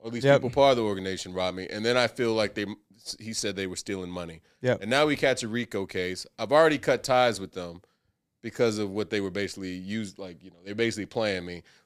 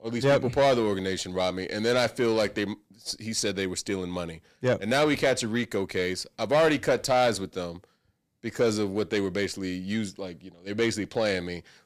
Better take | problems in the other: first | distortion; slight; 10 dB below the speech

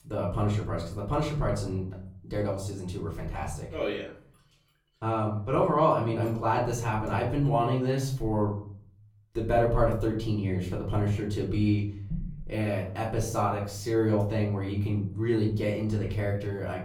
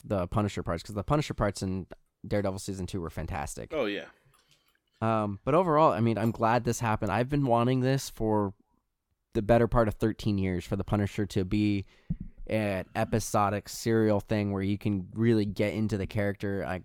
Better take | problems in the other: second | off-mic speech; far // room echo; slight; dies away in 0.6 s

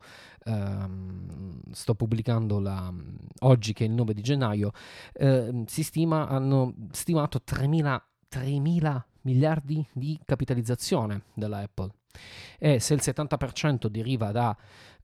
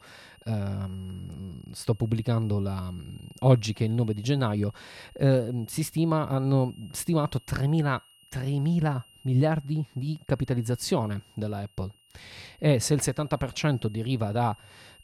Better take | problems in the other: first | high-pitched whine; faint; throughout; 3 kHz, 30 dB below the speech

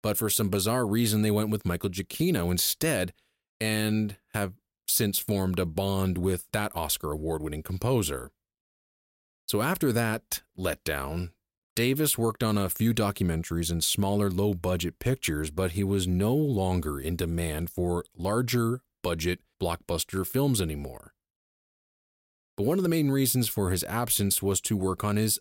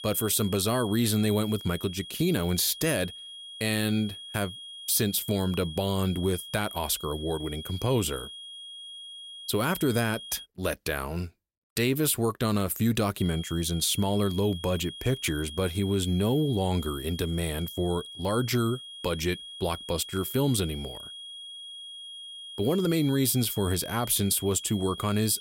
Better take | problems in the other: first | high-pitched whine; noticeable; until 10 s and from 13 s on; 3.5 kHz, 10 dB below the speech

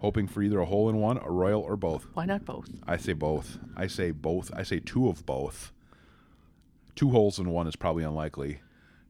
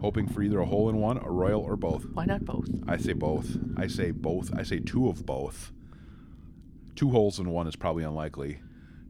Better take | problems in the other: first | low rumble; loud; throughout; 9 dB below the speech; faint in the first

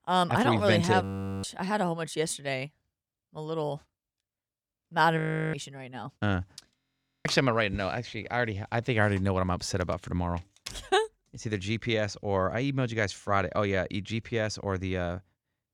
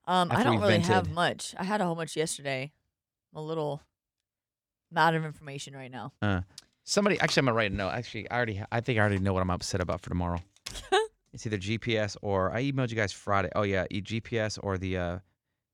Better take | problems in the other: second | audio freezing; at 1 s, at 5 s and at 7 s

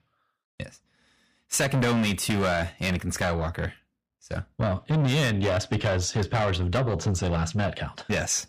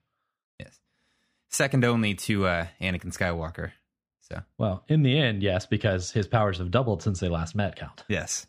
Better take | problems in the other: second | distortion; heavy; 6 dB below the speech

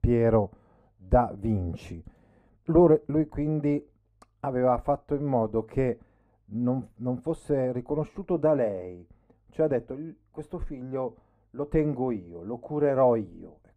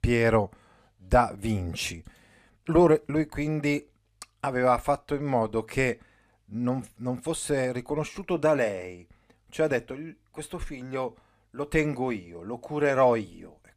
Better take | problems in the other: second | muffled; very; fading above 1.5 kHz

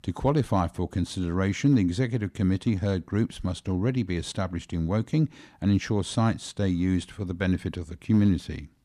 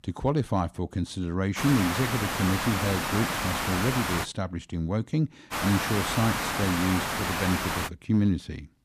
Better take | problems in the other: first | hiss; loud; from 1.5 to 4 s and from 5.5 to 8 s; 1 dB below the speech

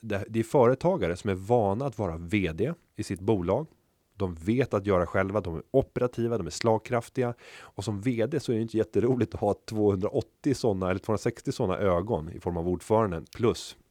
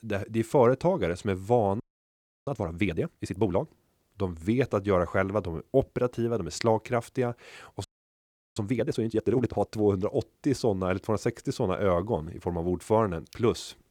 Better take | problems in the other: first | audio freezing; at 2 s for 0.5 s and at 8 s for 0.5 s

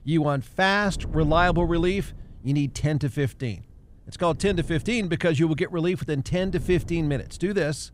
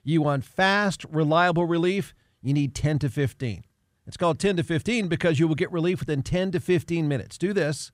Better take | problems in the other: second | wind noise on the microphone; occasional gusts; 25 dB below the speech

